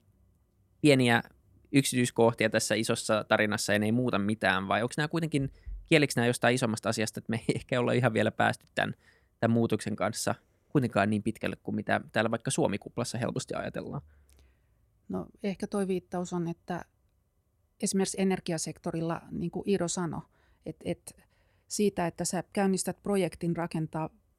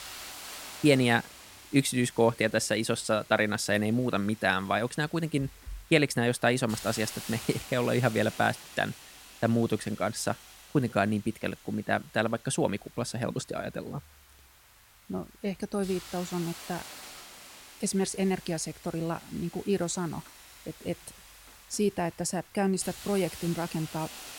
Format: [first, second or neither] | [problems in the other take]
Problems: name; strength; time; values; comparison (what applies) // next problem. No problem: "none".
first | hiss; noticeable; throughout; 15 dB below the speech